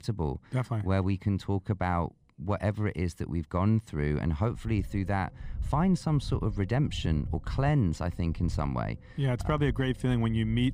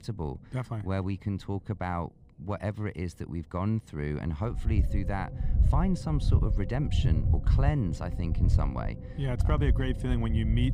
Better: first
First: low rumble; faint; throughout; 20 dB below the speech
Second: low rumble; loud; throughout; 8 dB below the speech

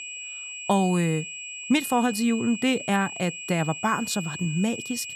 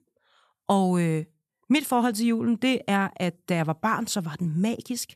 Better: second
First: high-pitched whine; loud; throughout; 2.5 kHz, 9 dB below the speech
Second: none

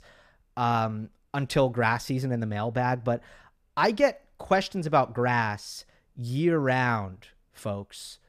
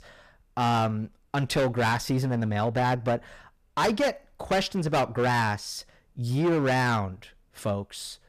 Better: first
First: none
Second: distortion; heavy; 12% of the sound clipped

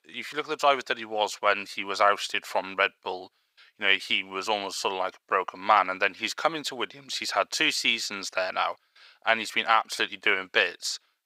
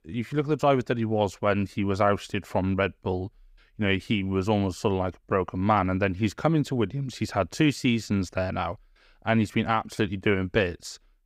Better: second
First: thin; very; fading below 850 Hz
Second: none

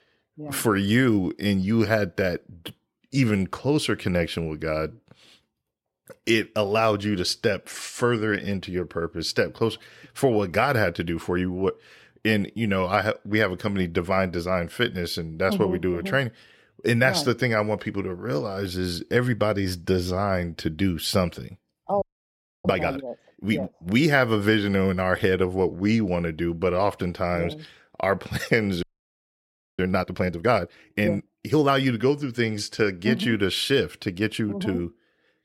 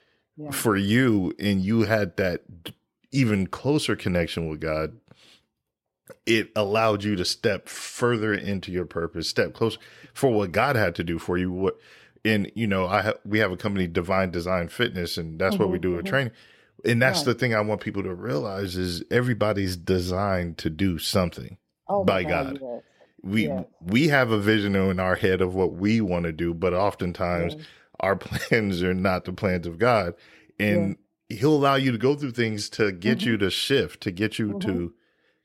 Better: second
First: audio freezing; at 22 s for 0.5 s and at 29 s for 1 s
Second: none

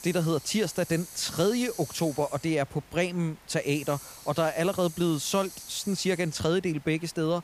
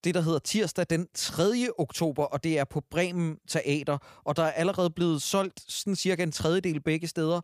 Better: second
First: hiss; noticeable; throughout; 15 dB below the speech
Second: none

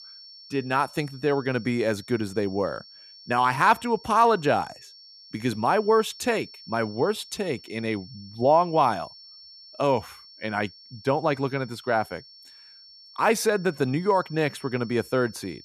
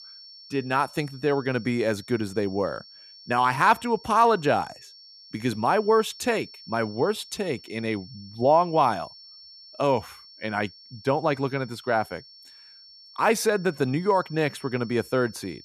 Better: neither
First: high-pitched whine; faint; throughout; 5.5 kHz, 20 dB below the speech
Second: high-pitched whine; faint; throughout; 5.5 kHz, 20 dB below the speech

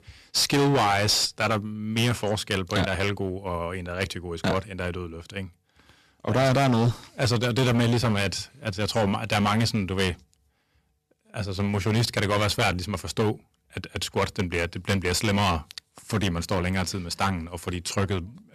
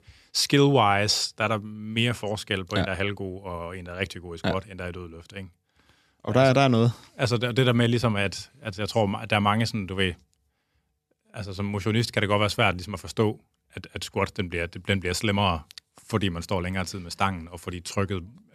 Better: second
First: distortion; heavy; 10% of the sound clipped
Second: none

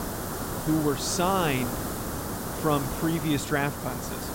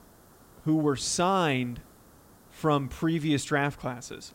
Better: second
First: hiss; loud; throughout; 5 dB below the speech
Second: hiss; faint; throughout; 30 dB below the speech

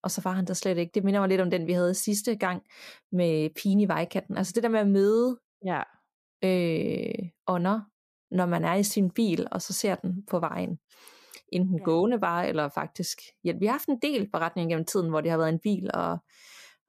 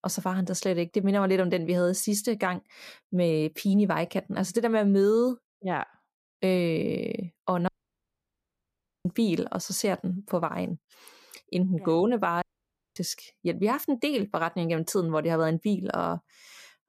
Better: first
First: none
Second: audio cutting out; at 7.5 s for 1.5 s and at 12 s for 0.5 s

